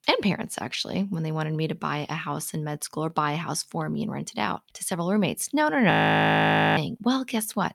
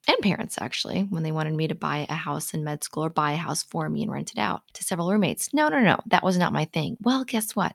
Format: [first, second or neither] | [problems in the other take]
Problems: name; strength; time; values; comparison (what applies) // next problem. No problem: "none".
second | audio freezing; at 6 s for 1 s